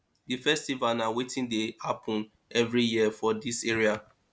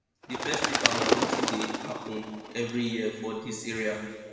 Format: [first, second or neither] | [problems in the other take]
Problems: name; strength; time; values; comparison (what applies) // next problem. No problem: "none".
first | background sound (Bird); 2 dB above the speech // room echo; dies away in 1.6 s